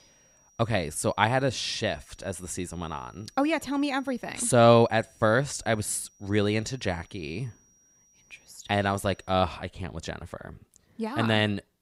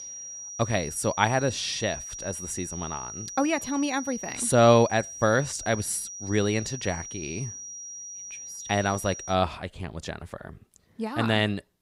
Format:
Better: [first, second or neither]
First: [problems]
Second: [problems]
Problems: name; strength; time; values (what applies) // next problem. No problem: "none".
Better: first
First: high-pitched whine; faint; until 9.5 s; 5.5 kHz, 35 dB below the speech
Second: high-pitched whine; loud; until 9.5 s; 5.5 kHz, 10 dB below the speech